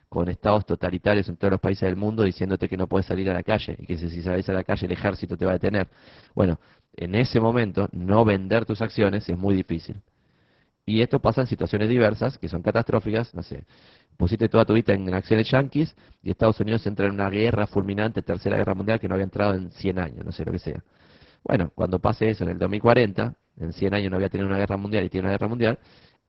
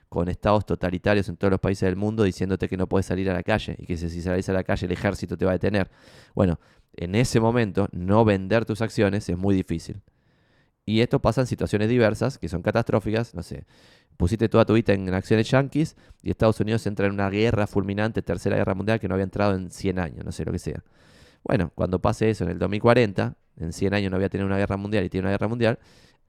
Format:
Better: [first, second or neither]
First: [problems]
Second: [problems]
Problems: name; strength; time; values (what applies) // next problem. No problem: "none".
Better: second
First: garbled, watery; badly; nothing above 5 kHz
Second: none